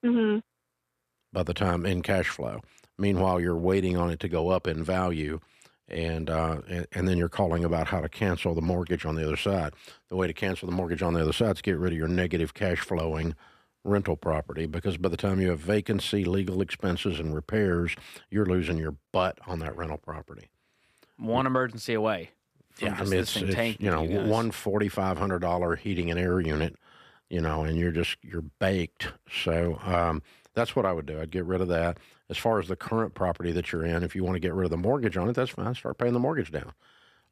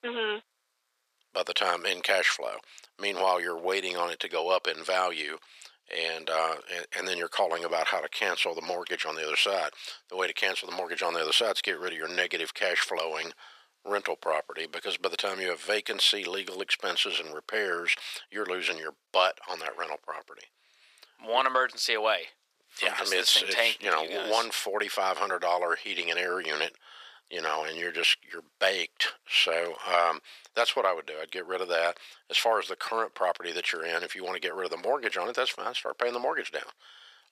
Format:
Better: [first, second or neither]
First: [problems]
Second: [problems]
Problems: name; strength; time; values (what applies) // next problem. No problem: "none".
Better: first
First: none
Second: thin; very; fading below 550 Hz